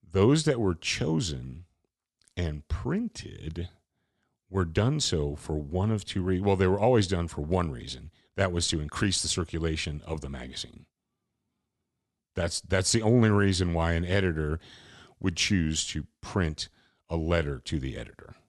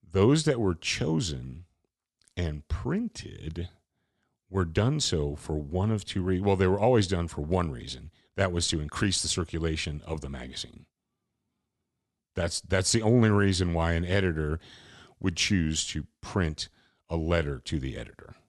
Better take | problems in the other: neither | none

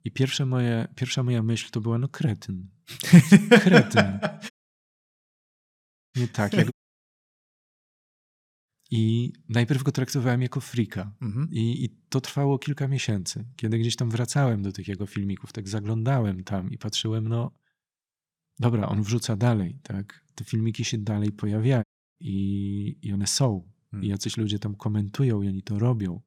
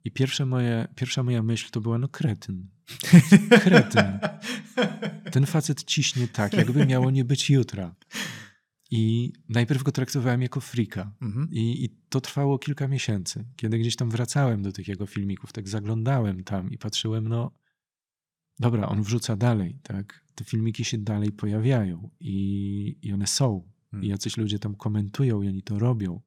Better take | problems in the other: second | audio cutting out; at 4.5 s for 1.5 s, at 6.5 s for 2 s and at 22 s

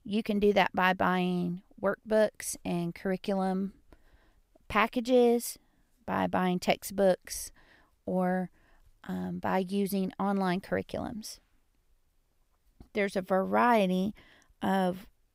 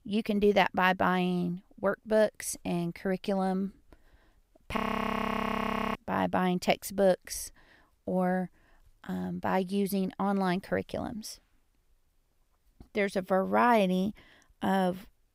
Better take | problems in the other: first | audio freezing; at 5 s for 1 s

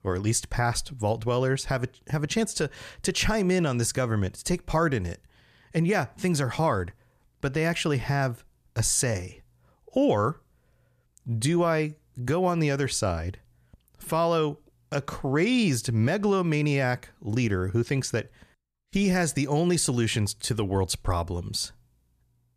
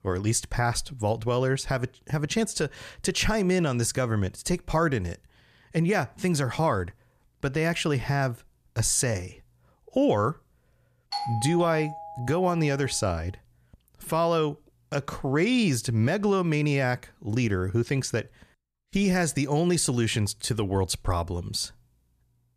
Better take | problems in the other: first | doorbell; noticeable; from 11 to 13 s; peak 5 dB below the speech

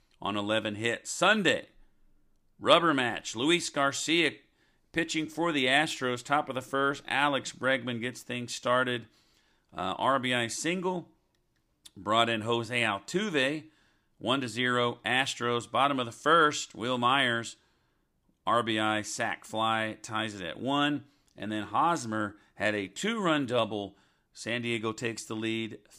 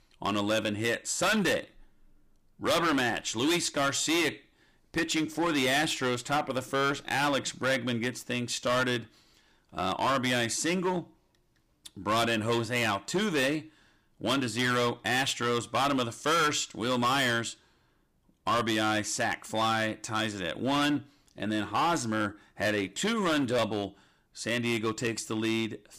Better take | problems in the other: first | distortion; heavy; 11% of the sound clipped

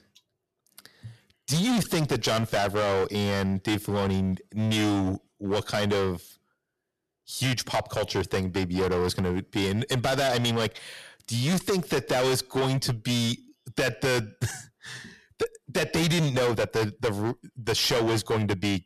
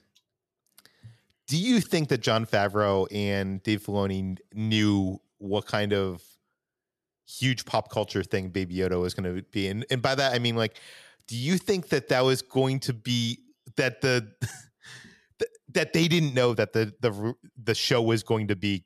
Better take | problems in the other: second | distortion; heavy; 18% of the sound clipped

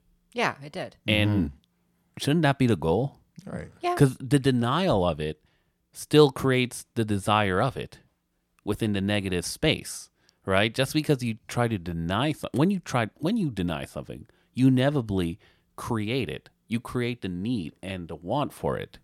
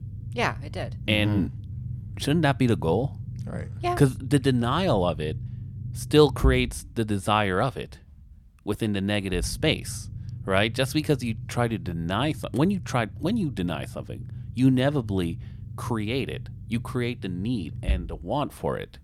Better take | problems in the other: first | low rumble; faint; throughout; 25 dB below the speech

